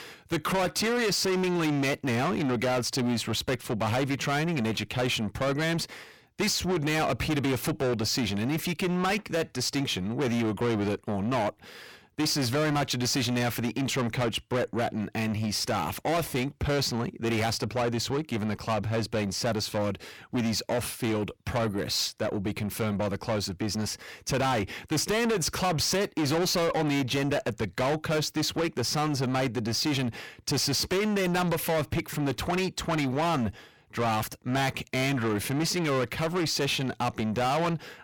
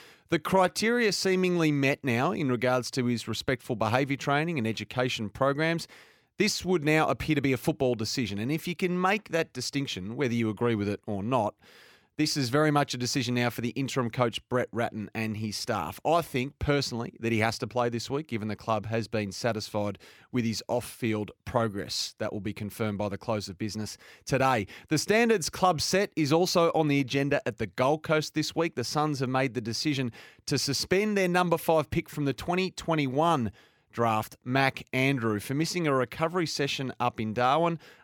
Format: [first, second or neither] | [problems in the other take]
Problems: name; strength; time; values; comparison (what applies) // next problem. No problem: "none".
second | distortion; heavy; 6 dB below the speech